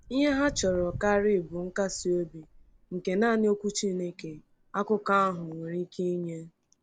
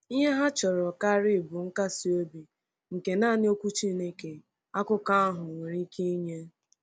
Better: second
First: background sound (Walk, footsteps); 20 dB below the speech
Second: none

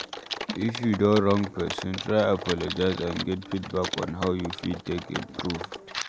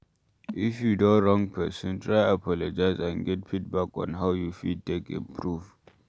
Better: second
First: background sound (Typing); 9 dB below the speech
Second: none

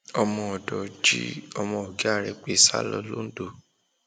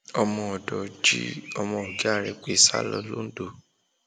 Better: first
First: none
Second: background sound (Bird); 16 dB below the speech

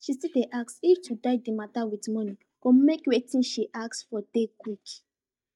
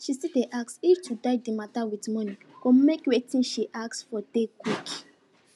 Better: second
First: noise reduction (neural mask model DeepFilterNet 3)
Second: none

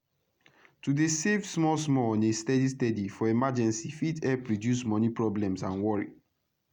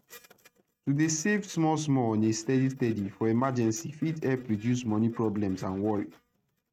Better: first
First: none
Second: noise reduction (neural mask model RNNoise)

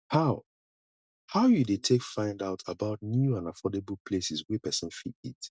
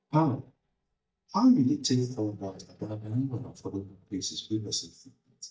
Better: first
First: none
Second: noise reduction (neural mask model DeepFilterNet 3)

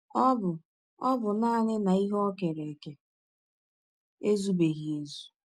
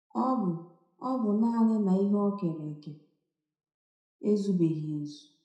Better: first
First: none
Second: room echo; dies away in 0.6 s

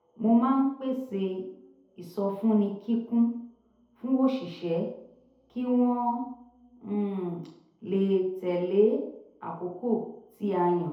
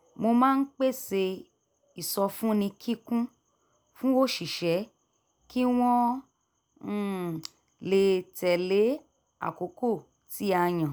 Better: second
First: room echo; dies away in 2 s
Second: none

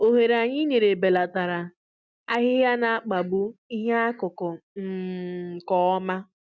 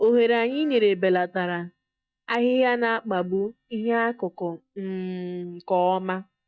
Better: first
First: none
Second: noise reduction (neural mask model DeepFilterNet 3)

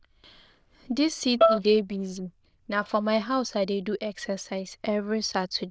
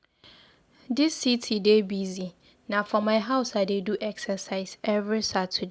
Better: second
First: noise reduction (neural diffusion model UNIVERSE++)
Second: none

